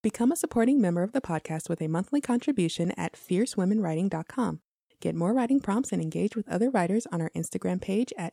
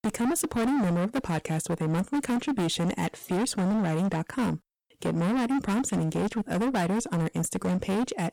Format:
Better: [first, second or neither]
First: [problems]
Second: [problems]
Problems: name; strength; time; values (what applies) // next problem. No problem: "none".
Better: first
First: none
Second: distortion; heavy; 29% of the sound clipped